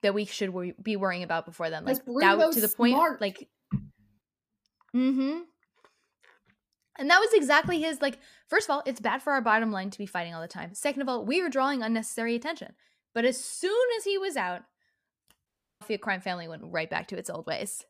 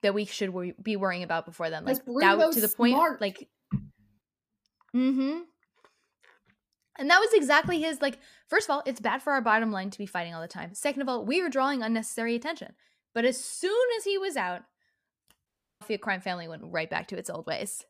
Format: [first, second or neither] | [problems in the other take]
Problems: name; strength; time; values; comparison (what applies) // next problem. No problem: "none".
neither | audio cutting out; at 15 s; the same in both